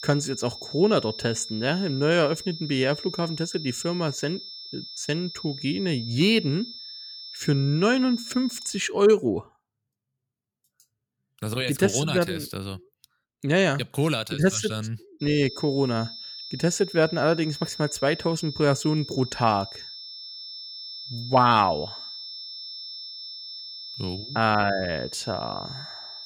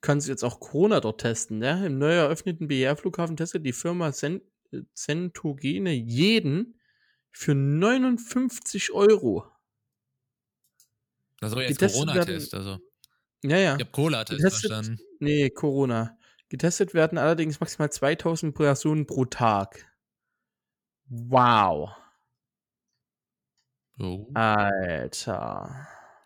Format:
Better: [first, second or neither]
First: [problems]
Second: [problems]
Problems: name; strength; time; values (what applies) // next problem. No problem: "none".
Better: second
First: high-pitched whine; noticeable; until 9 s and from 15 s on; 5.5 kHz, 10 dB below the speech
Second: none